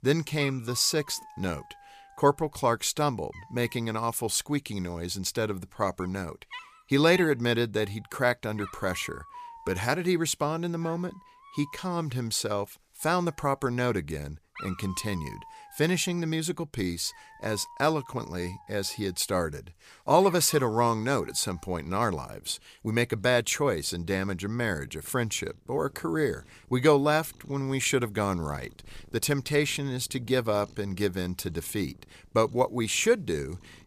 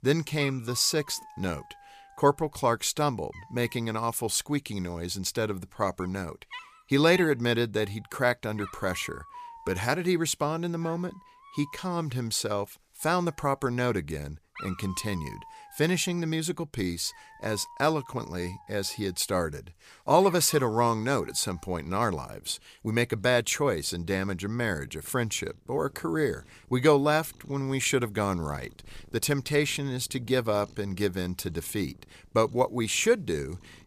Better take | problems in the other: neither | animal sounds; faint; throughout; 20 dB below the speech; the same in both

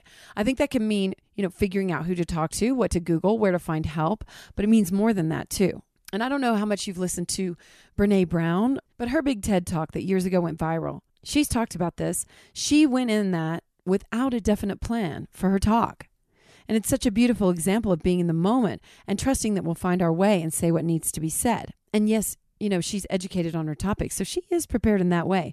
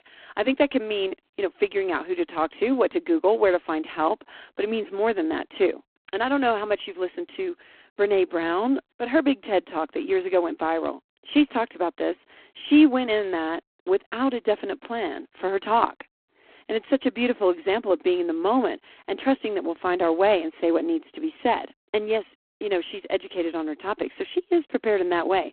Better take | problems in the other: first | phone-call audio; poor line

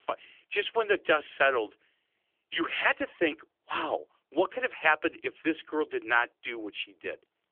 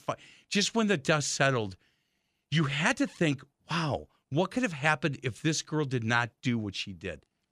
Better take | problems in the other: second | phone-call audio; nothing above 3.5 kHz

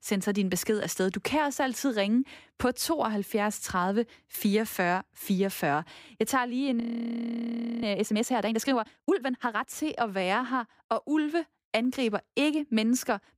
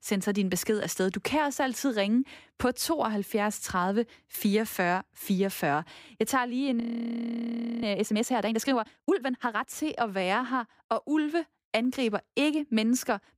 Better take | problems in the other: neither | audio freezing; at 7 s for 1 s; the same in both

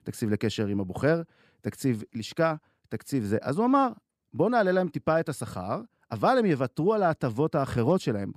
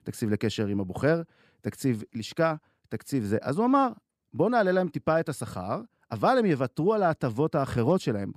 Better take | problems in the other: neither | none

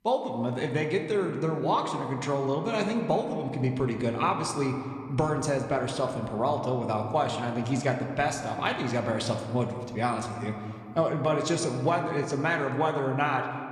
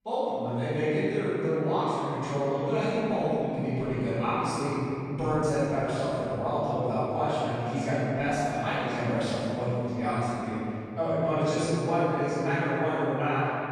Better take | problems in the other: first | room echo; strong; dies away in 3 s; slight in the first // off-mic speech; far

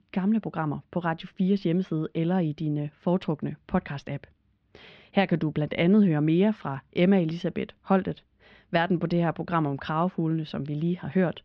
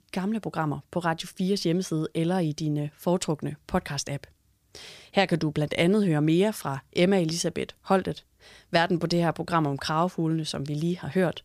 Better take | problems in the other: second | muffled; very; fading above 3 kHz

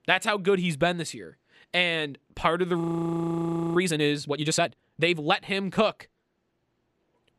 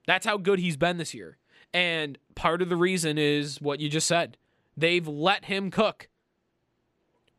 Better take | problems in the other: second | audio freezing; at 3 s for 1 s

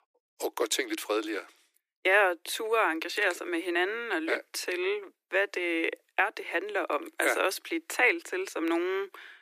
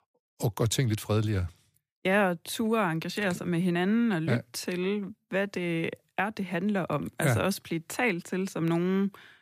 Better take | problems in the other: second | thin; very; fading below 300 Hz

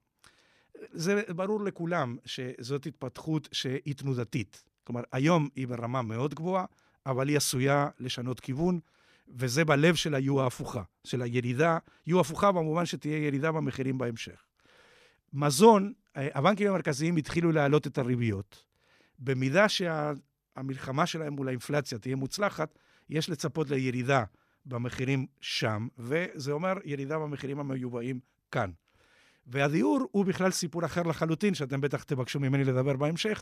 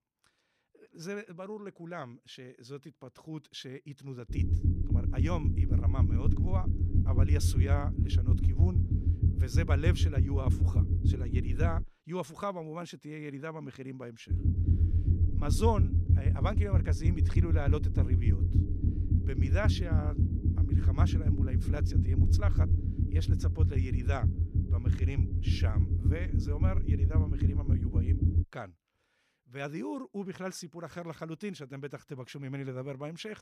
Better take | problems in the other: first | low rumble; loud; from 4.5 to 12 s and from 14 to 28 s; 2 dB below the speech

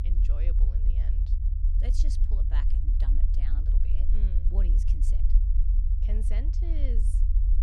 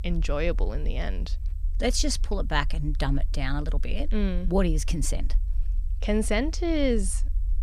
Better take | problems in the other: second | low rumble; loud; throughout; as loud as the speech; faint in the second

